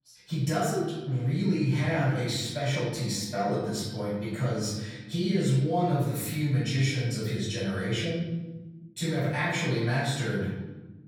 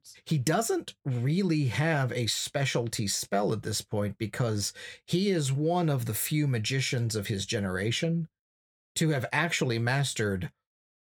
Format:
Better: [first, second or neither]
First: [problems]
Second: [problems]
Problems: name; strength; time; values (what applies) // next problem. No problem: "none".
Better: second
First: room echo; noticeable; dies away in 1.1 s // off-mic speech; far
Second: none